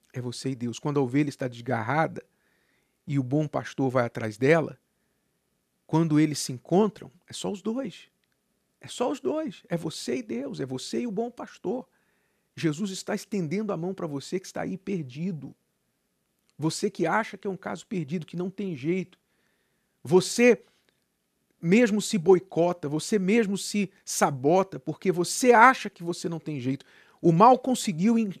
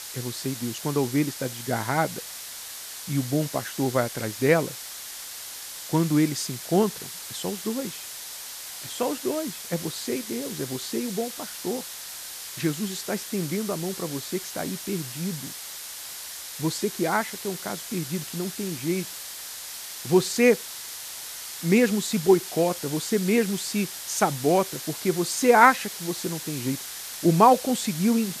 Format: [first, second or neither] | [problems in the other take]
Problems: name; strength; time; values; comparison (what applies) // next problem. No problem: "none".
first | hiss; loud; throughout; 9 dB below the speech